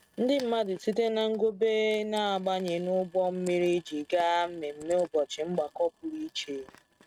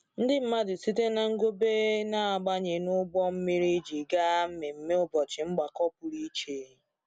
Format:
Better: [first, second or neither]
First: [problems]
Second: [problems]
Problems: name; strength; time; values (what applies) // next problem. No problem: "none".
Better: second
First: noise reduction (neural mask model RNNoise)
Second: none